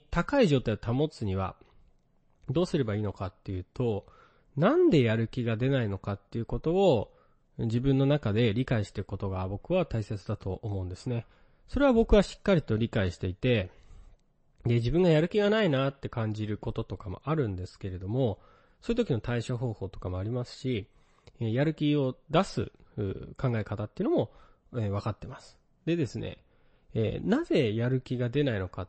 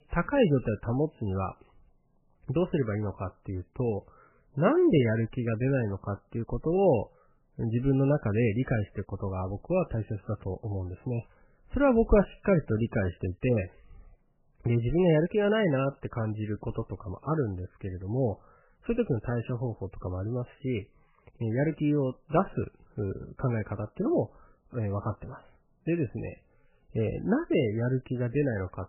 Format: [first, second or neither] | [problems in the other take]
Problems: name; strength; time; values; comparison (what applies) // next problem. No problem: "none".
first | garbled, watery; badly; nothing above 3 kHz; slightly in the first